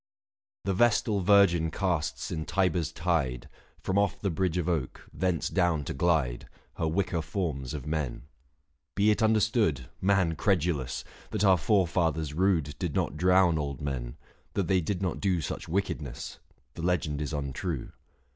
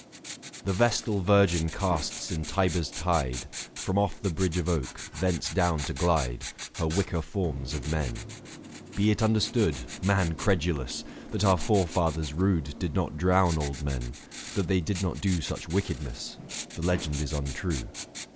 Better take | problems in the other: first | background sound (Writing); 13 dB below the speech

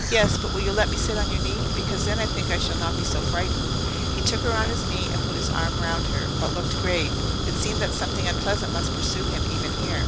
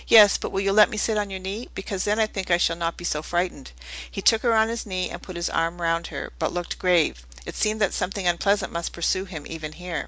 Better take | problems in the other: second | background sound (Fire); 5 dB above the speech

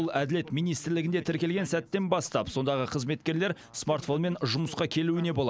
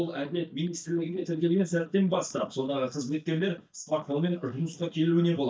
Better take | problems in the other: first | noise reduction (neural mask model DeepFilterNet 3)

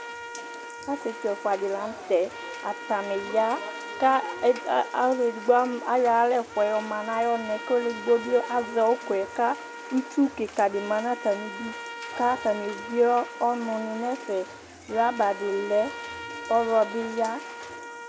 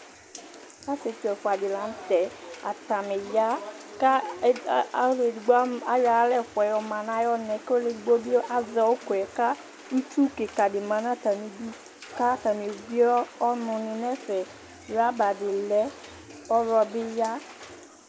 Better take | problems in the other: second | background sound (Trumpet); 13 dB below the speech

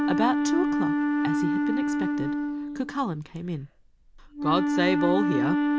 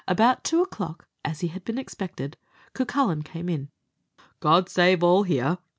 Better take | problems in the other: second | background sound (Wind instrument, woodwind instrument); 4 dB above the speech

